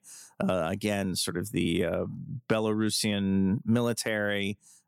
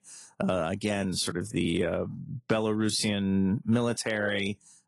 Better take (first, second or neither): first